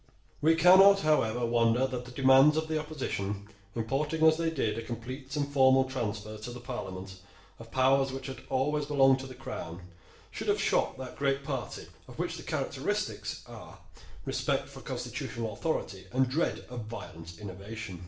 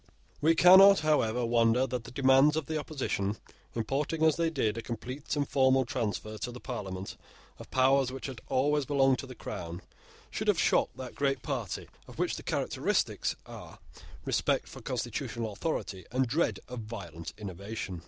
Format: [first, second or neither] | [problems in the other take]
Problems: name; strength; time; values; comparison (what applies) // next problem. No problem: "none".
second | room echo; dies away in 0.5 s